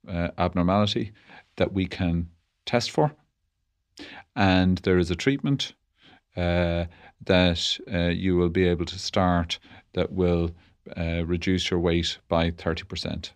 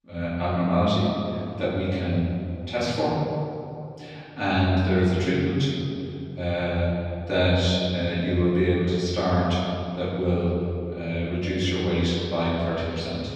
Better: first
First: none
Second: off-mic speech; far // room echo; strong; dies away in 2.5 s

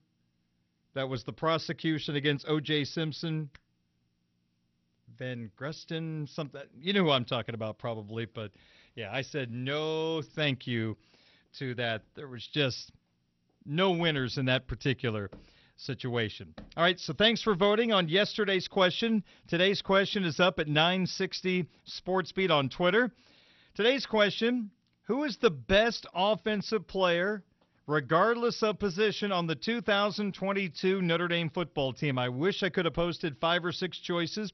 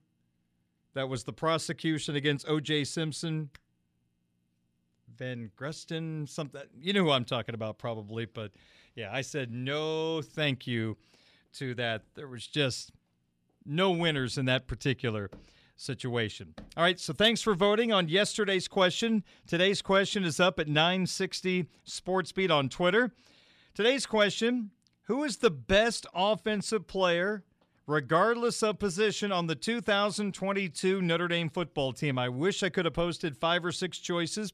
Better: second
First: garbled, watery; slightly; nothing above 6 kHz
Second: none

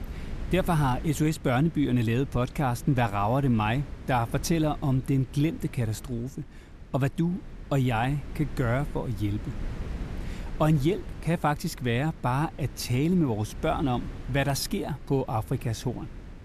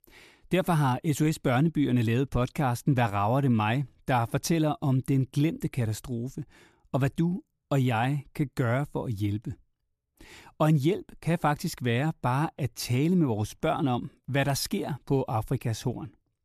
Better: second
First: wind noise on the microphone; occasional gusts; 20 dB below the speech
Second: none

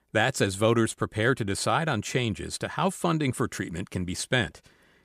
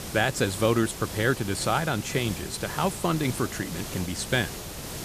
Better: first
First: none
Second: hiss; loud; throughout; 9 dB below the speech

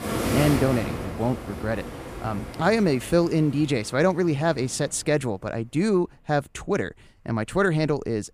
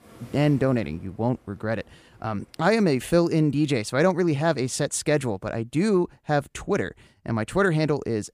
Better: second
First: rain or running water; loud; throughout; 7 dB below the speech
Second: rain or running water; faint; throughout; 30 dB below the speech

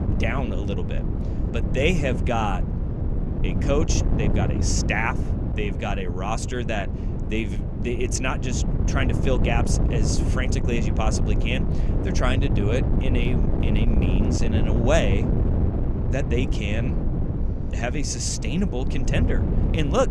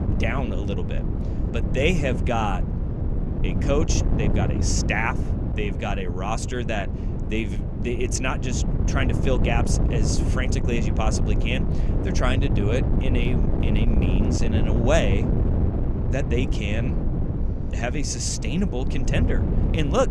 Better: neither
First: wind noise on the microphone; heavy; 6 dB below the speech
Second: wind noise on the microphone; heavy; 6 dB below the speech

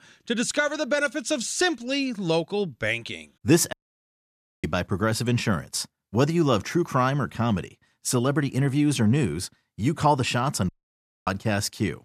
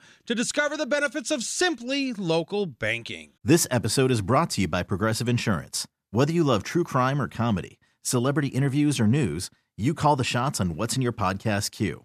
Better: second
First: audio cutting out; at 3.5 s for 1 s and at 11 s for 0.5 s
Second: none

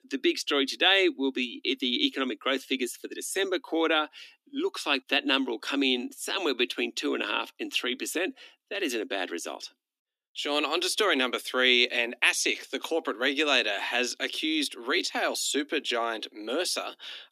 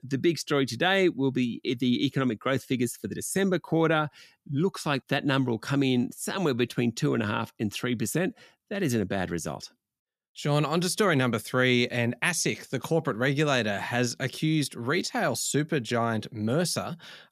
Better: second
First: thin; very slightly; fading below 250 Hz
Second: none

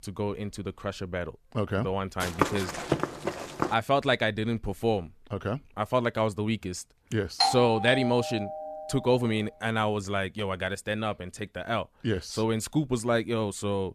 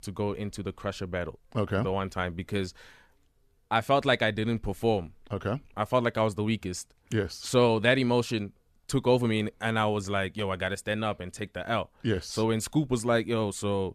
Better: second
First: footsteps; loud; from 2 to 3.5 s; peak level with the speech // doorbell; loud; from 7.5 to 9 s; peak 4 dB above the speech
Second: none

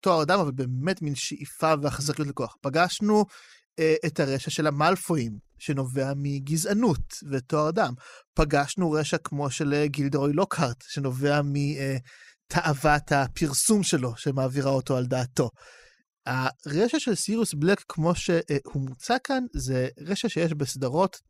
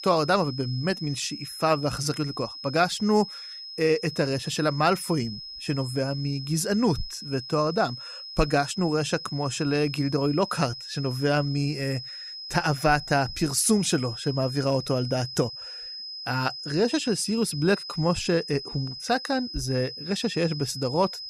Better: first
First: none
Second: high-pitched whine; loud; throughout; 5 kHz, 10 dB below the speech

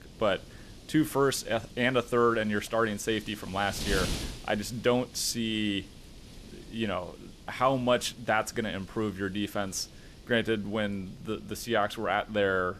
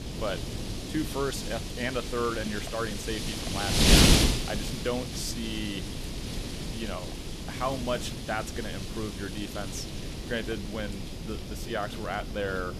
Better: first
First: wind noise on the microphone; occasional gusts; 15 dB below the speech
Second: wind noise on the microphone; heavy; 2 dB above the speech

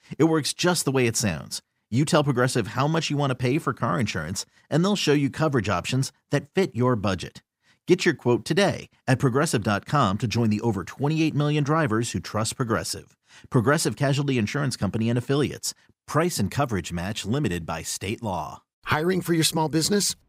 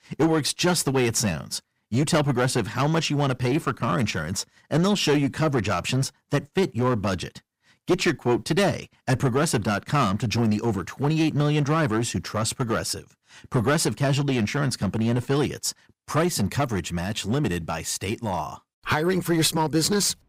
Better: first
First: none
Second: distortion; slight; 6% of the sound clipped

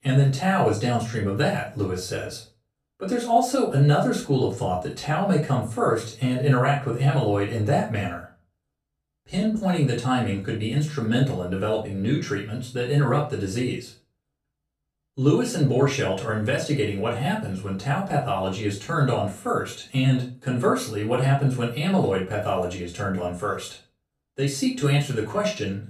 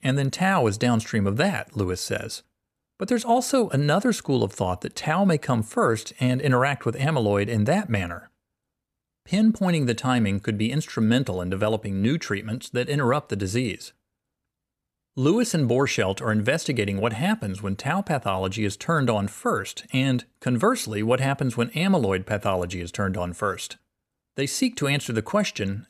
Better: second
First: off-mic speech; far // room echo; slight; dies away in 0.3 s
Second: none

